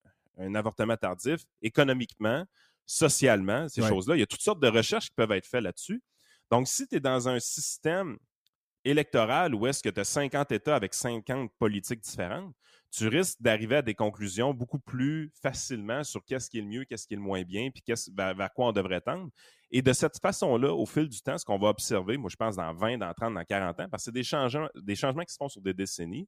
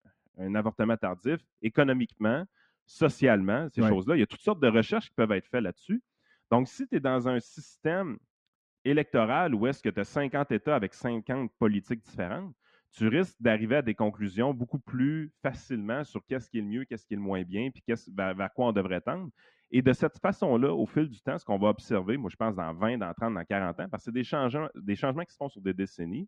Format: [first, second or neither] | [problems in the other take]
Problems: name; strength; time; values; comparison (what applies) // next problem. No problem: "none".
first | muffled; very; fading above 2 kHz